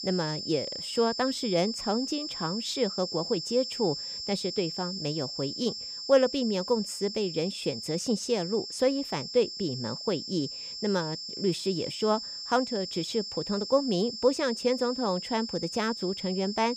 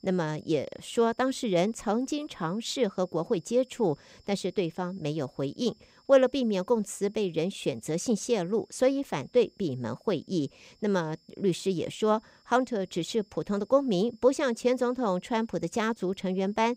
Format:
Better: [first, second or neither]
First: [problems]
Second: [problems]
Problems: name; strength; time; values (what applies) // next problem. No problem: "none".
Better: second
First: high-pitched whine; loud; throughout; 5.5 kHz, 6 dB below the speech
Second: high-pitched whine; faint; throughout; 5.5 kHz, 35 dB below the speech